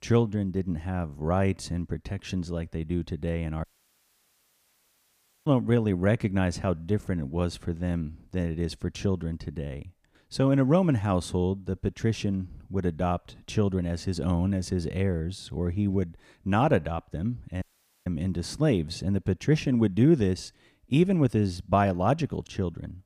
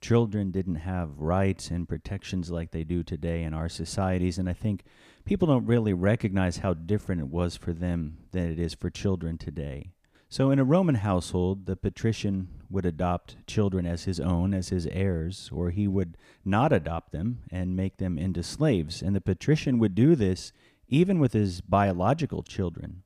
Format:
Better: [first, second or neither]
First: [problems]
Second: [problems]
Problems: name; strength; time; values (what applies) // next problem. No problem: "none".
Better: second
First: audio cutting out; at 3.5 s for 2 s and at 18 s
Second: none